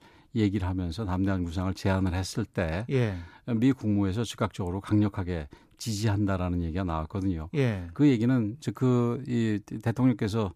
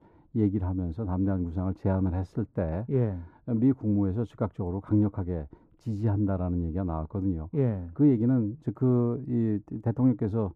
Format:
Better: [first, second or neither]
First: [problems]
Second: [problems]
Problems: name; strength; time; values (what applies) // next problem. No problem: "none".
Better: first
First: none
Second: muffled; very; fading above 2 kHz